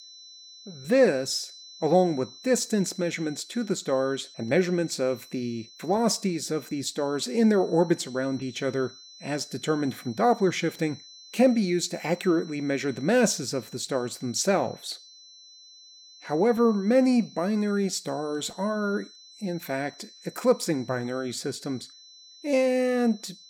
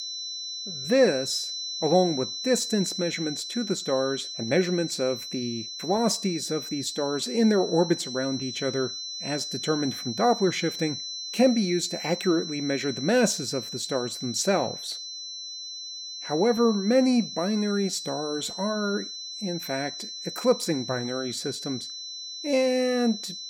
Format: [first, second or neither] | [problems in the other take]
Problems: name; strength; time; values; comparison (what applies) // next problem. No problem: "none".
first | high-pitched whine; loud; throughout; 4 kHz, 7 dB below the speech; faint in the first